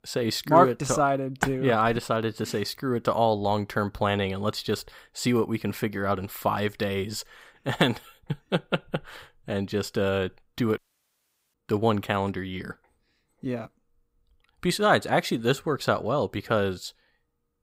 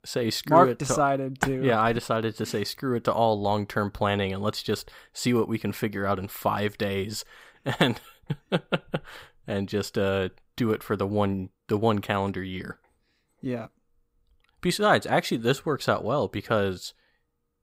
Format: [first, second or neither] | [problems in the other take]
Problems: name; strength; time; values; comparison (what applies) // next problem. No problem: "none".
second | audio cutting out; at 11 s for 1 s